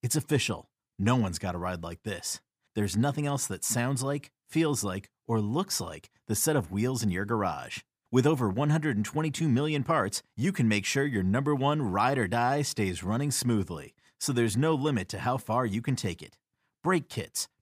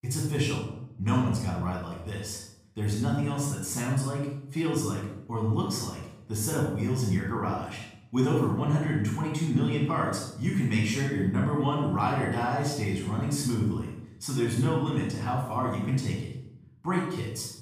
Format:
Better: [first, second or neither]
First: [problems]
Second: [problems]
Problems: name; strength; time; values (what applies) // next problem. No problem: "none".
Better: first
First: none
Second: off-mic speech; far // room echo; noticeable; dies away in 0.7 s